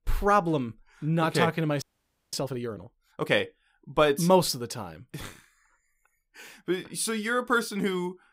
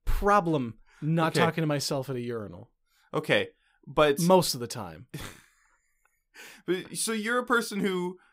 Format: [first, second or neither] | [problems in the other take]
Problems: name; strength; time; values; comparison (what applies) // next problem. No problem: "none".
second | audio freezing; at 2 s for 0.5 s